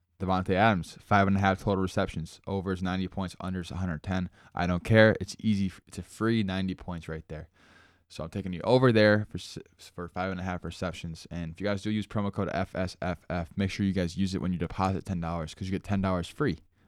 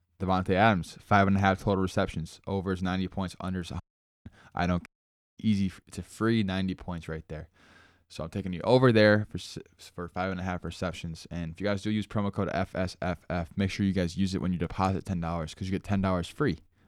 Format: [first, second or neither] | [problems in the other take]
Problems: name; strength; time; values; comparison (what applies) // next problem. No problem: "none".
first | audio cutting out; at 4 s and at 5 s for 0.5 s